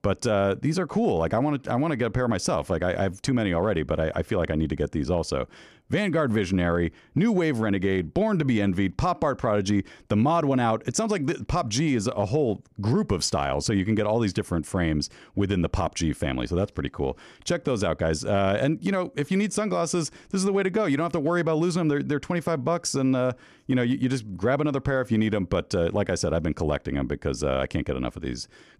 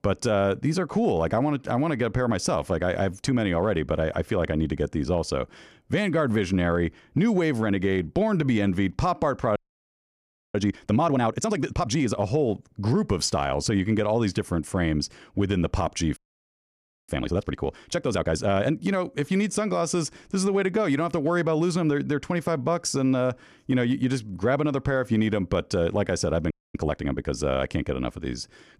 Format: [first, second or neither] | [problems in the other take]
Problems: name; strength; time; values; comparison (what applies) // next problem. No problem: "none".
first | audio freezing; at 9.5 s for 1 s, at 16 s for 1 s and at 27 s